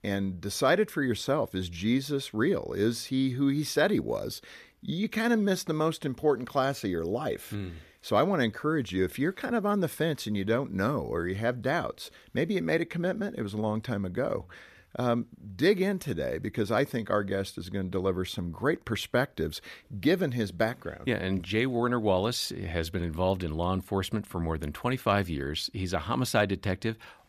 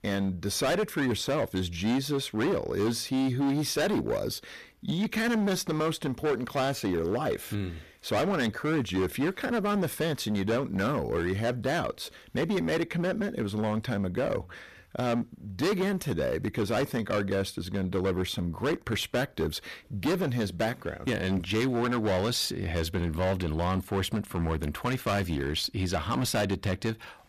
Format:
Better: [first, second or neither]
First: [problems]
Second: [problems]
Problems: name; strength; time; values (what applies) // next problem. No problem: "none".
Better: first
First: none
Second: distortion; heavy; 16% of the sound clipped